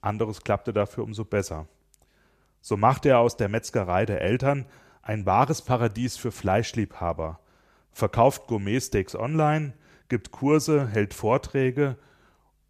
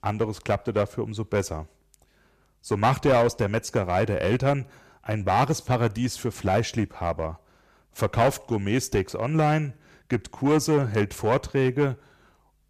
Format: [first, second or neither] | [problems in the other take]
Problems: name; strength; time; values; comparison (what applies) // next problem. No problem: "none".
first | distortion; slight; 4% of the sound clipped